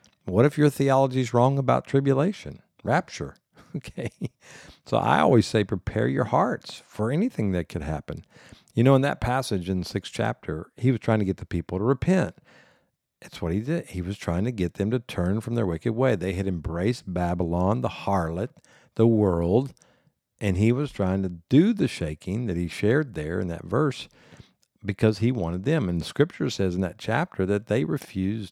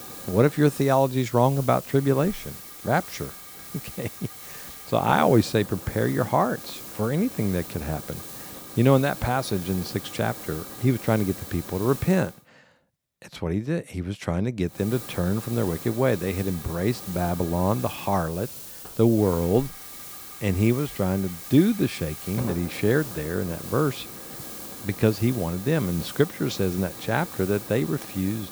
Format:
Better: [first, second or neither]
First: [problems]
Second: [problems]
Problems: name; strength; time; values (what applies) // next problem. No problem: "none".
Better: first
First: none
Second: hiss; noticeable; until 12 s and from 15 s on; 10 dB below the speech